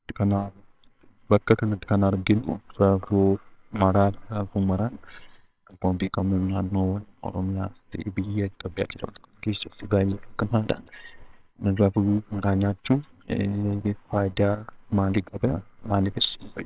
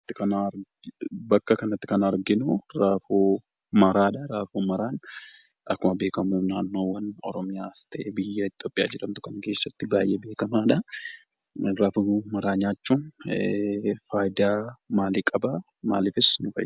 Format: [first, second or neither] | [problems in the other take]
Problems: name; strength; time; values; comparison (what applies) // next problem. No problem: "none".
second | noise reduction (neural separator model SepFormer WHAMR!)